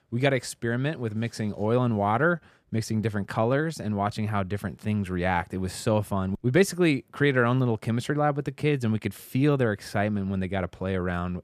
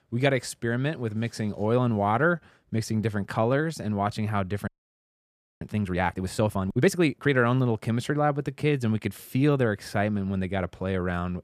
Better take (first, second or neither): first